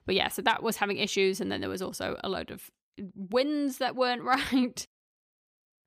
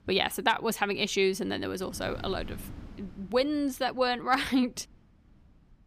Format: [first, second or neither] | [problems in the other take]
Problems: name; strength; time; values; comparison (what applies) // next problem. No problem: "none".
first | wind noise on the microphone; occasional gusts; 25 dB below the speech